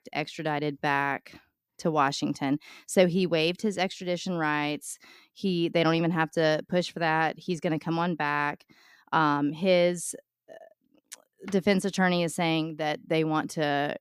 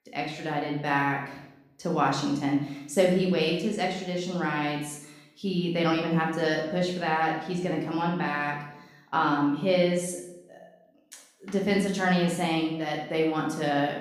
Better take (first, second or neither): first